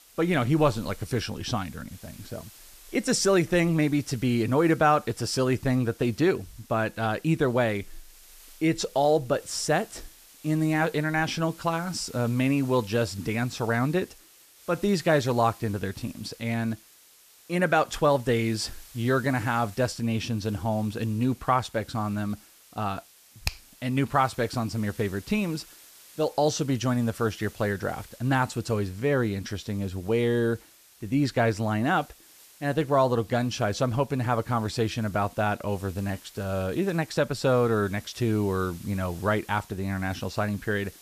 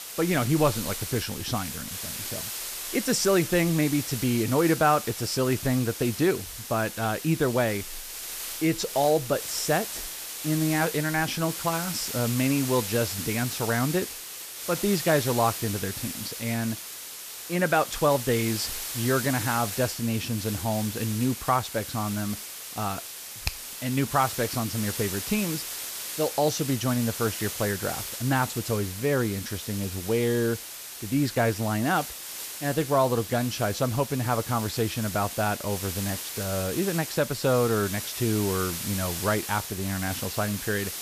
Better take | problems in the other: first | hiss; loud; throughout; 6 dB below the speech; faint in the first

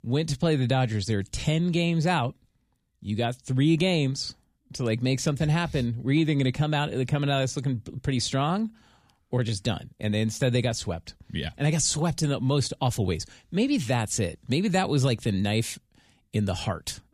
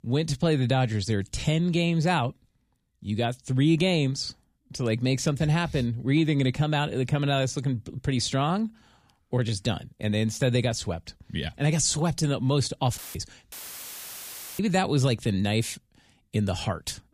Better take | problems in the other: first | audio cutting out; filled with static; at 13 s and at 14 s for 1 s

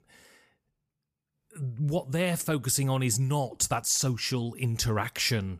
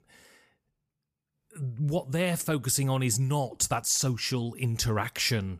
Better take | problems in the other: neither | none

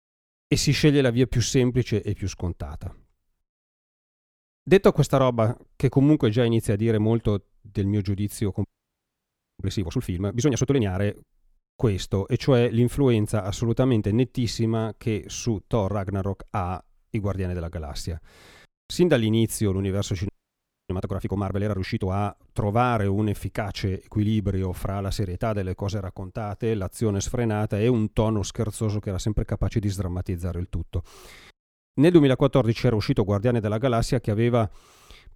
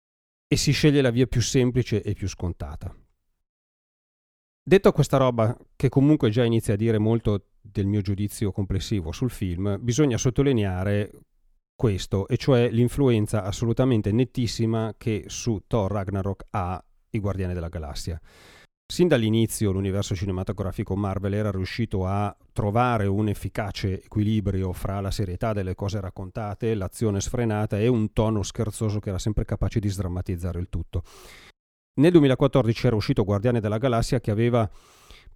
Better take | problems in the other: second | audio freezing; at 8.5 s for 1 s and at 20 s for 0.5 s

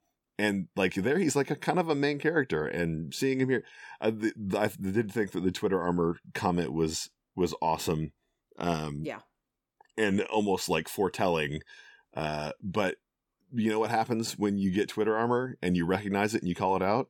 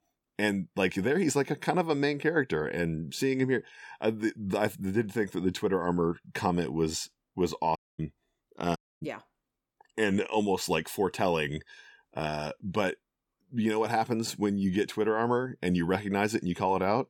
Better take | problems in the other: first | audio cutting out; at 8 s and at 9 s

